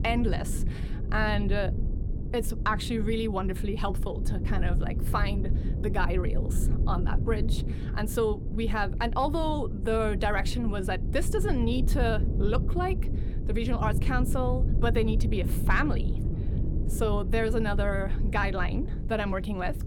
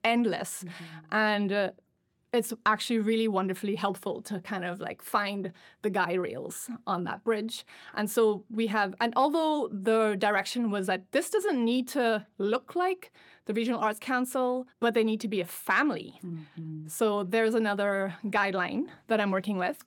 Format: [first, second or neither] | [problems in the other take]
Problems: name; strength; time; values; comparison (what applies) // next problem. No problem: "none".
second | low rumble; noticeable; throughout; 10 dB below the speech